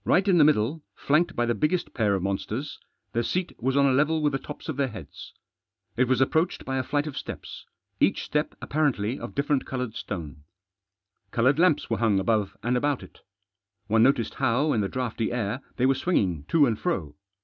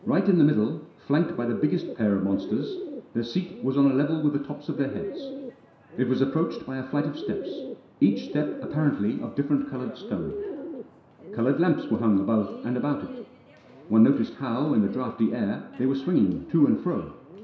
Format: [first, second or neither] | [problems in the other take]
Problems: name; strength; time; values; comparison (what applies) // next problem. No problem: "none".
first | background sound (Bird); 12 dB below the speech // room echo; dies away in 0.7 s